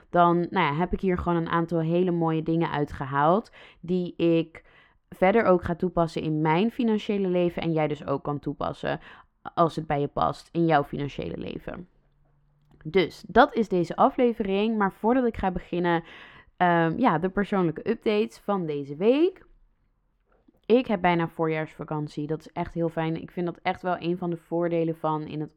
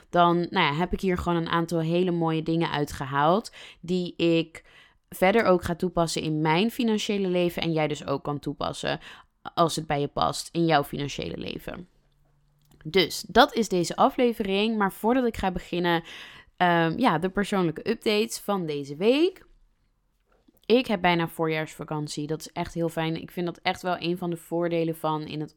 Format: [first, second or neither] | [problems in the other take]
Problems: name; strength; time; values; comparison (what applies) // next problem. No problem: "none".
second | muffled; slightly; fading above 3.5 kHz